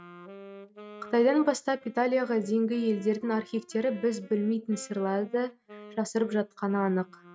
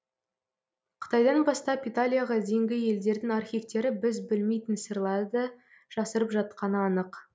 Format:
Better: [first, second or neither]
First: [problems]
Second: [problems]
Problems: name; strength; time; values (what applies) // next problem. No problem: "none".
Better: second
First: noise reduction (neural mask model RNNoise)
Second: none